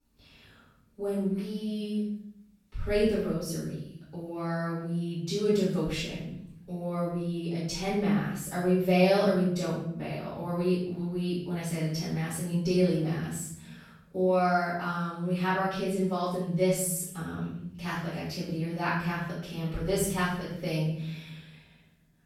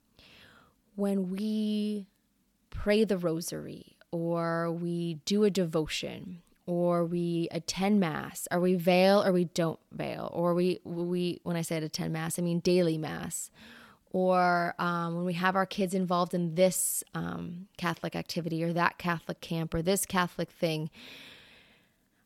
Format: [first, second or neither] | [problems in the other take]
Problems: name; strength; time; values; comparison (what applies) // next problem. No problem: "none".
second | off-mic speech; far // room echo; noticeable; dies away in 0.8 s